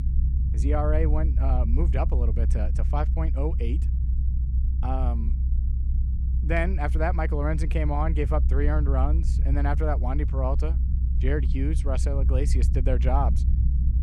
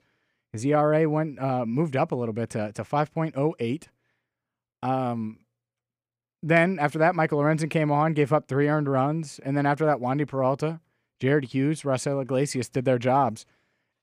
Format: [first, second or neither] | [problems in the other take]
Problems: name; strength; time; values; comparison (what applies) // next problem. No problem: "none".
second | low rumble; noticeable; throughout; 10 dB below the speech